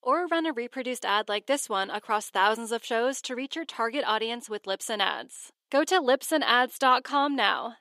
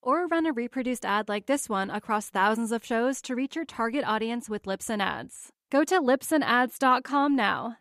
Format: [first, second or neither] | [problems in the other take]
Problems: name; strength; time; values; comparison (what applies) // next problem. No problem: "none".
second | thin; very slightly; fading below 400 Hz